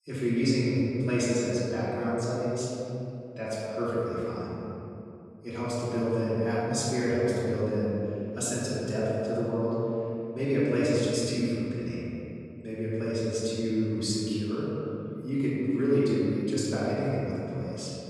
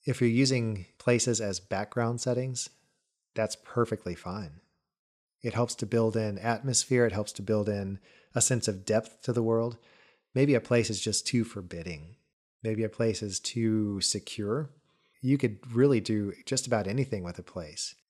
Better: second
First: room echo; strong; dies away in 2.8 s // off-mic speech; far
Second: none

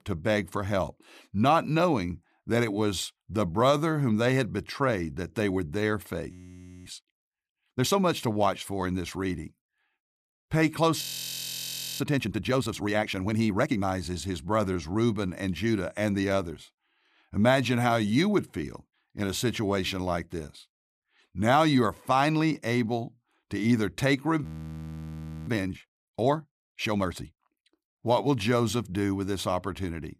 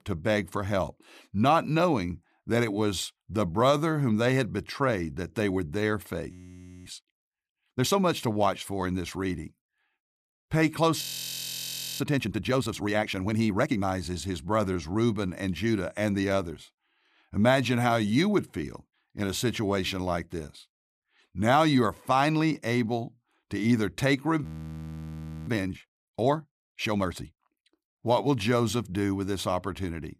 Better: neither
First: audio freezing; at 6.5 s for 0.5 s, at 11 s for 1 s and at 24 s for 1 s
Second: audio freezing; at 6.5 s for 0.5 s, at 11 s for 1 s and at 24 s for 1 s

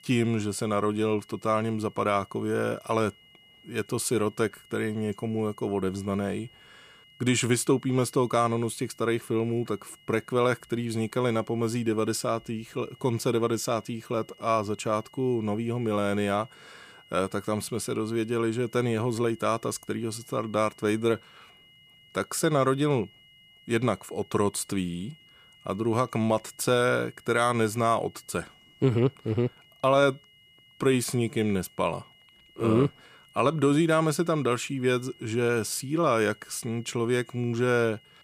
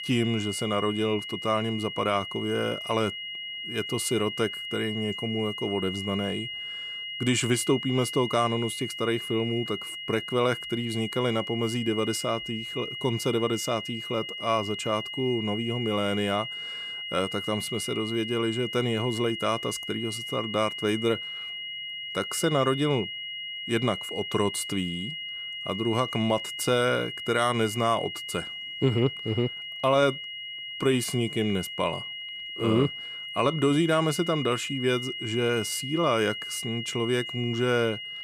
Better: first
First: high-pitched whine; faint; throughout; 3 kHz, 25 dB below the speech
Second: high-pitched whine; loud; throughout; 3 kHz, 6 dB below the speech

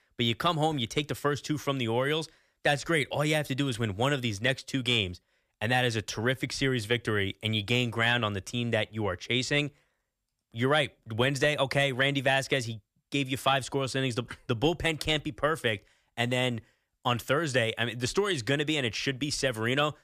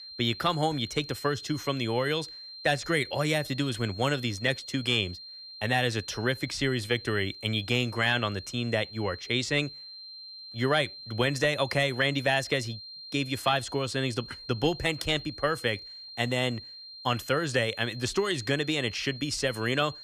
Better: first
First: none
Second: high-pitched whine; noticeable; throughout; 4 kHz, 15 dB below the speech

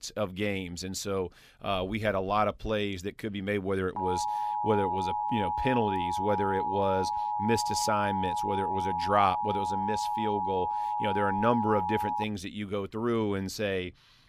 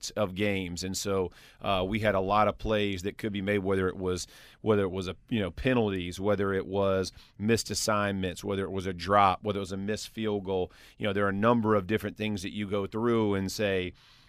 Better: second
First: alarm; loud; from 4 to 12 s; peak level with the speech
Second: none

